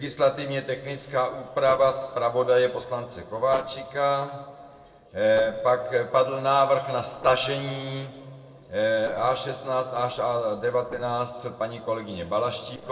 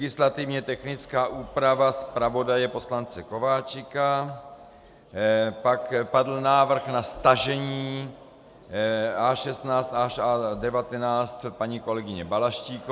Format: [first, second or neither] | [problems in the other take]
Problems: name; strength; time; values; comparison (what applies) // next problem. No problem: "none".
second | noise reduction (neural separator model SepFormer DNS4)